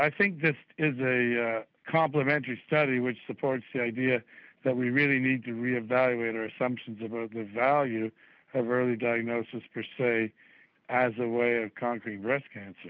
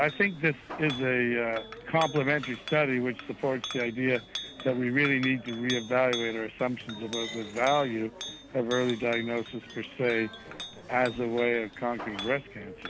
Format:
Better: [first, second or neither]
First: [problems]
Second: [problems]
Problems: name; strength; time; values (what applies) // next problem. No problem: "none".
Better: first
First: none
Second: background sound (Chink, clink); 12 dB below the speech